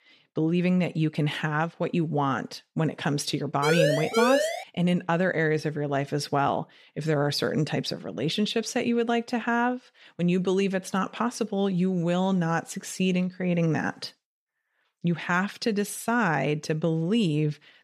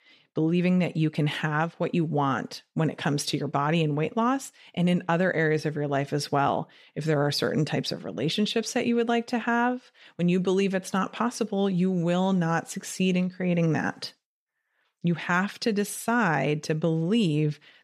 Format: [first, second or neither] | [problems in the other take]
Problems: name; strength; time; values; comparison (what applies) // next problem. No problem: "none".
second | siren; loud; from 3.5 to 4.5 s; peak 3 dB above the speech